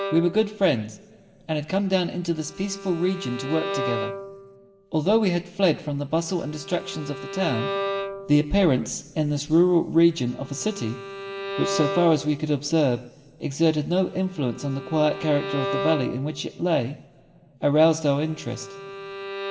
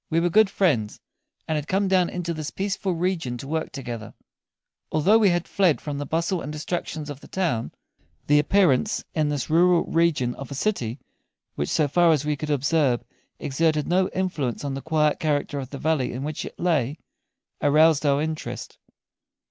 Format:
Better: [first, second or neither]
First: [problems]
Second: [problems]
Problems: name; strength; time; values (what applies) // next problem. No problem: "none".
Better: second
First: background sound (Bowed string instrument); 10 dB below the speech // room echo; dies away in 2.6 s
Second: none